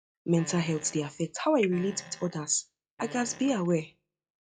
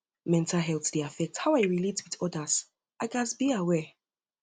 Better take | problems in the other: second | noise reduction (classical method log-MMSE)

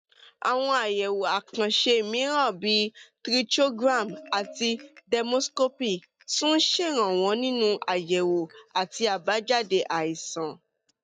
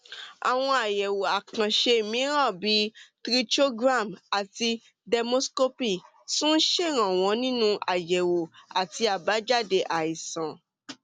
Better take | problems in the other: second | noise reduction (neural mask model DeepFilterNet 3)

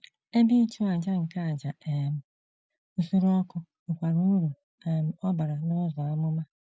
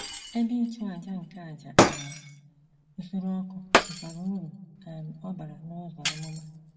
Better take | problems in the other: first | background sound (Shatter); 4 dB above the speech // room echo; dies away in 1.2 s

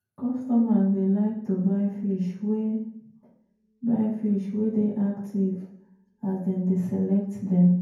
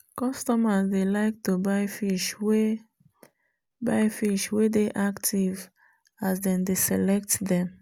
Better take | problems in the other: second | room echo; dies away in 0.9 s

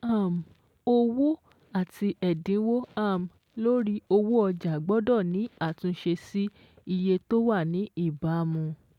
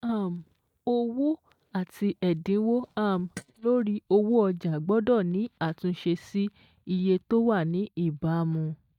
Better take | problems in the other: first | noise reduction (neural mask model DeepFilterNet 3)

